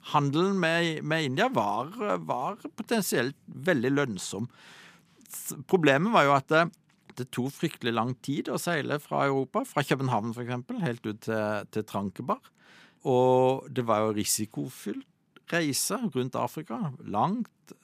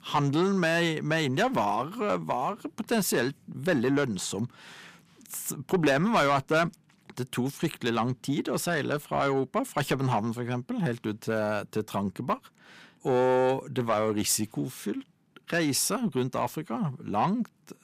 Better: first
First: none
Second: distortion; slight; 10 dB below the speech

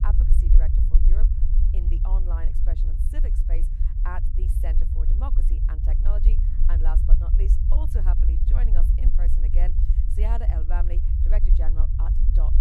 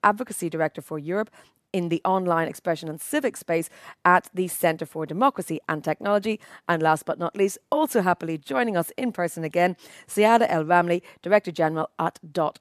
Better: second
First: low rumble; loud; throughout; 3 dB below the speech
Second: none

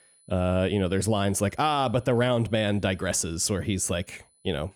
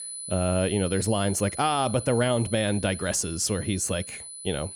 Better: first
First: high-pitched whine; faint; throughout; 10 kHz, 35 dB below the speech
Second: high-pitched whine; loud; throughout; 10 kHz, 10 dB below the speech

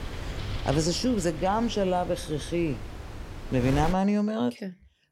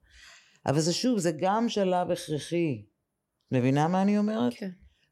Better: second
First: wind noise on the microphone; occasional gusts; until 4 s; 10 dB below the speech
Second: none

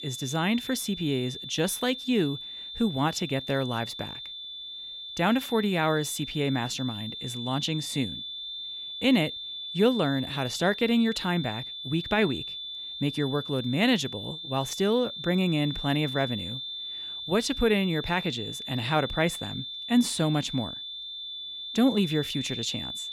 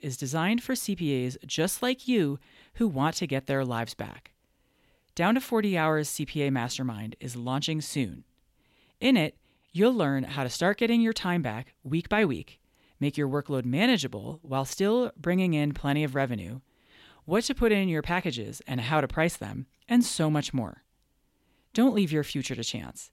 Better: second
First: high-pitched whine; loud; throughout; 3.5 kHz, 7 dB below the speech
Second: none

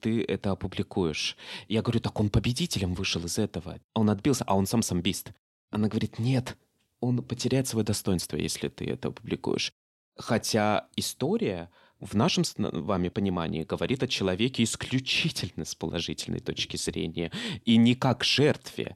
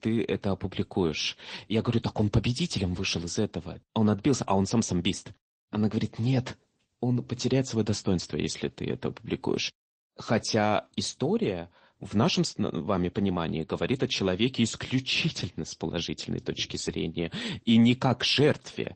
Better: first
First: none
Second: garbled, watery; slightly; nothing above 8 kHz

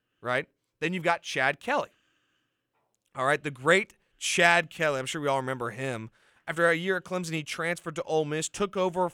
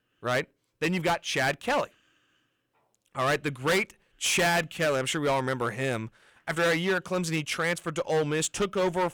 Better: first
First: none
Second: distortion; heavy; 9% of the sound clipped

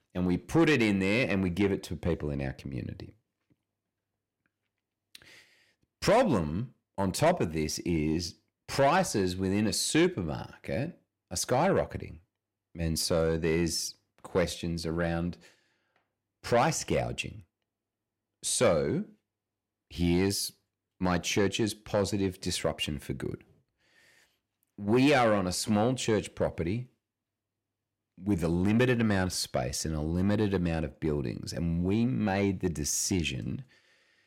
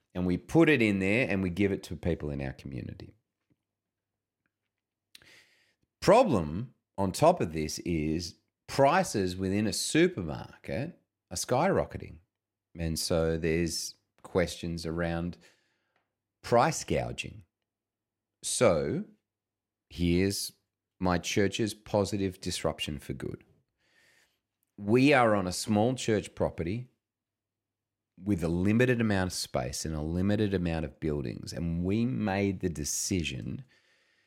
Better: second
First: distortion; slight; 10 dB below the speech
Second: none

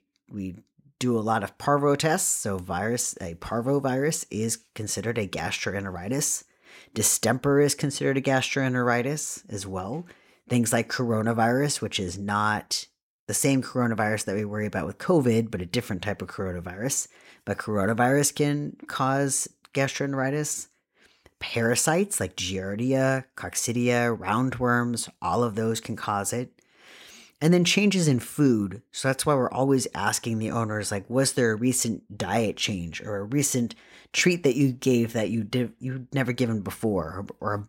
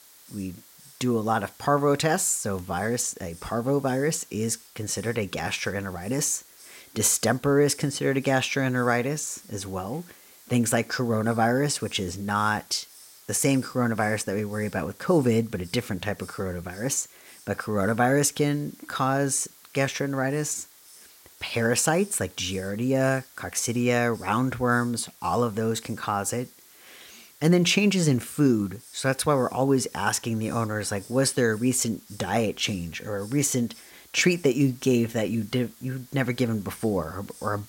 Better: first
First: none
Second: hiss; faint; throughout; 25 dB below the speech

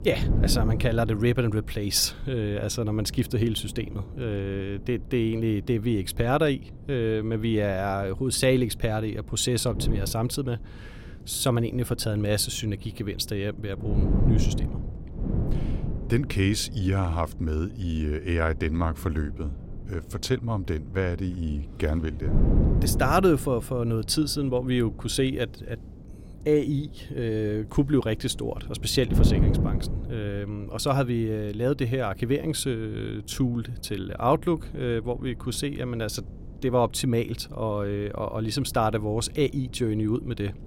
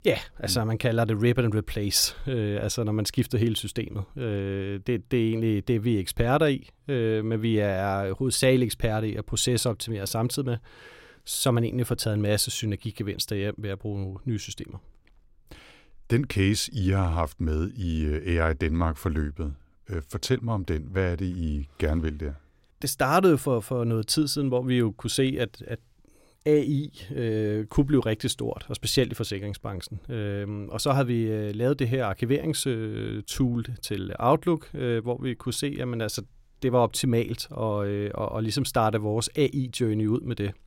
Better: second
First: wind noise on the microphone; occasional gusts; 15 dB below the speech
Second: none

